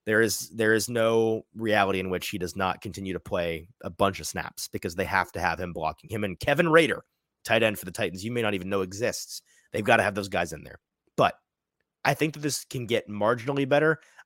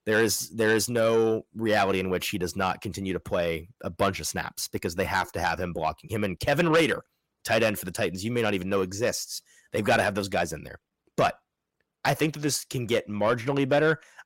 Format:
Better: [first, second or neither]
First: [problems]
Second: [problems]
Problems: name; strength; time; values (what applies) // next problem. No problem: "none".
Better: first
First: none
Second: distortion; slight; 10 dB below the speech